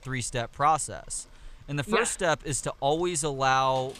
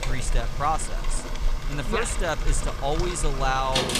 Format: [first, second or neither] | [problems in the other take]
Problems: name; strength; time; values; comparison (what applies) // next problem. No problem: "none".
first | rain or running water; loud; throughout; 2 dB below the speech; faint in the first